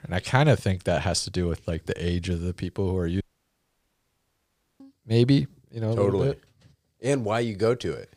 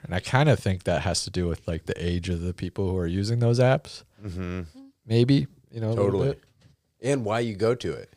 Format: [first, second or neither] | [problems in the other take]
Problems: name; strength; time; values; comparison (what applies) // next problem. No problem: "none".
second | audio cutting out; at 3 s for 1.5 s